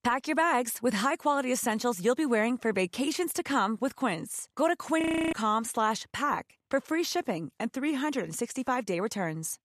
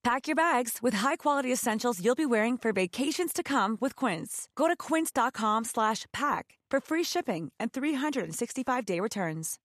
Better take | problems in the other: second | audio freezing; at 5 s

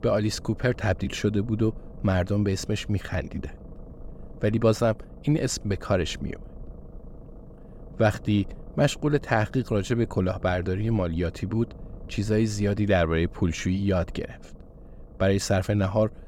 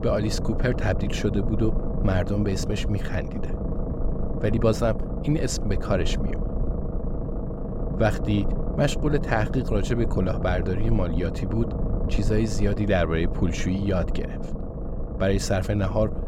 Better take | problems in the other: first | low rumble; loud; throughout; 8 dB below the speech; faint in the first

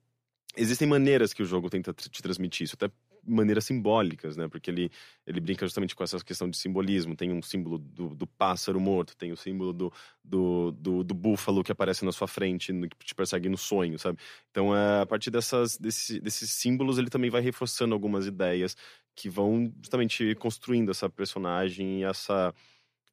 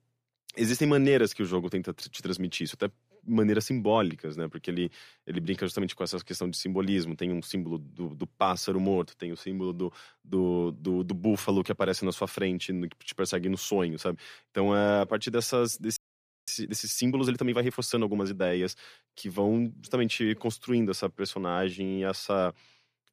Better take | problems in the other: first | audio freezing; at 16 s for 0.5 s

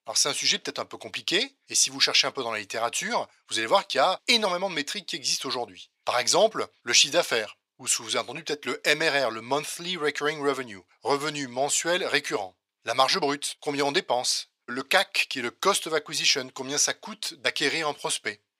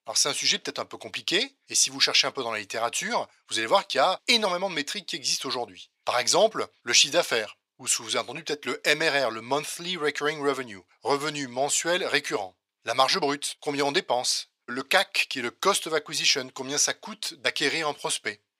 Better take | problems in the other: neither | thin; very; fading below 550 Hz; the same in both

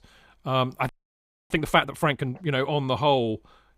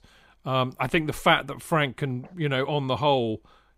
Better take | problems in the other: second | audio freezing; at 1 s for 0.5 s

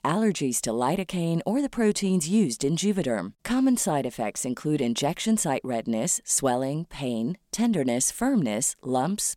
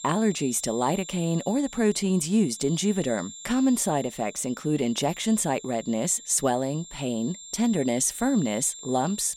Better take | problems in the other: first | high-pitched whine; noticeable; throughout; 7.5 kHz, 15 dB below the speech

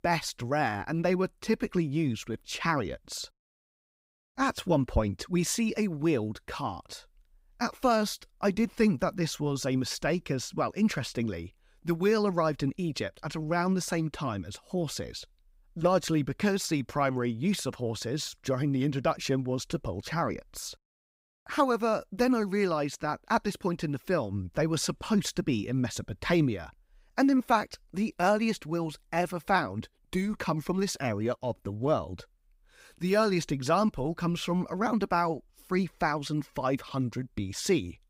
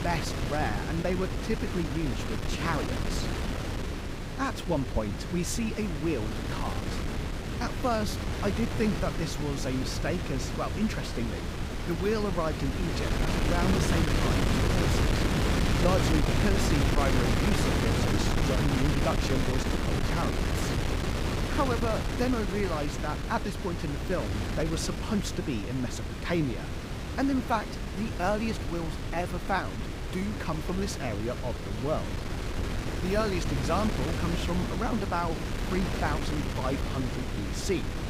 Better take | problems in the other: first | wind noise on the microphone; heavy; 1 dB below the speech

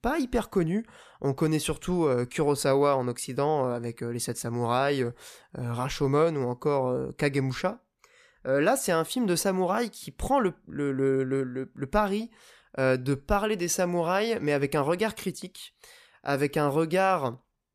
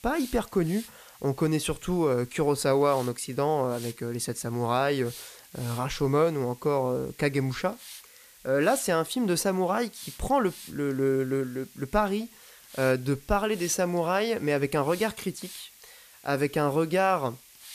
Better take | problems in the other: first | hiss; noticeable; throughout; 20 dB below the speech

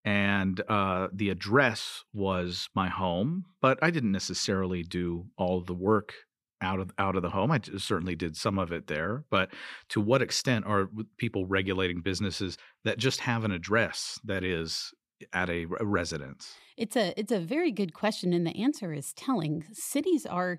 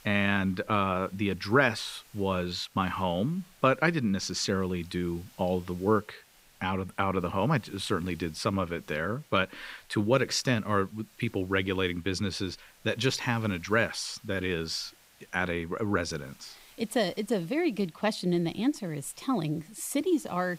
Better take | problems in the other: first | hiss; faint; throughout; 25 dB below the speech

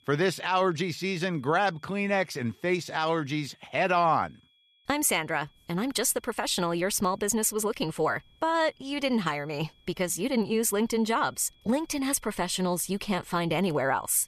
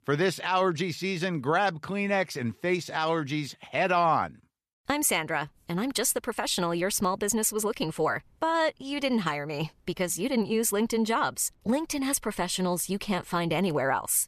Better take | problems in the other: second | high-pitched whine; faint; throughout; 3.5 kHz, 35 dB below the speech

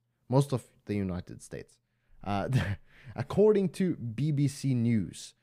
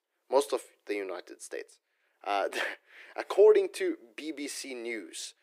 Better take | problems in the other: first | thin; very; fading below 350 Hz

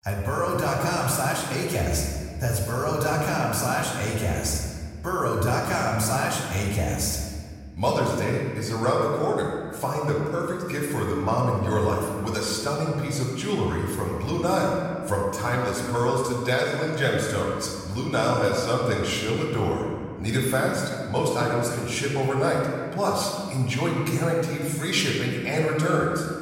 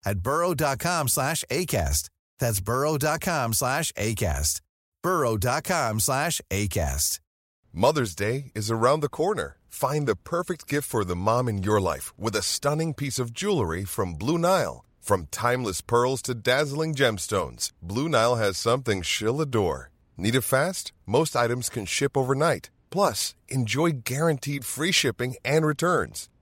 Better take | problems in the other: second | off-mic speech; far // room echo; noticeable; dies away in 1.8 s

